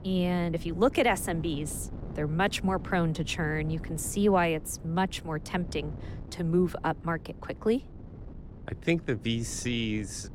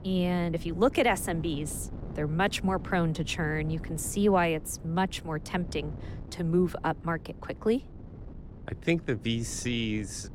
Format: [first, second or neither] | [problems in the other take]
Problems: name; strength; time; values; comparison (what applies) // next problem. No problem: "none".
neither | wind noise on the microphone; occasional gusts; 20 dB below the speech; the same in both